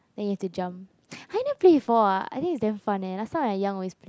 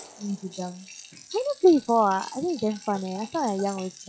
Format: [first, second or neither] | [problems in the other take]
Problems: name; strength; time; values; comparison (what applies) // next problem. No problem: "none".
first | noise reduction (classical method log-MMSE)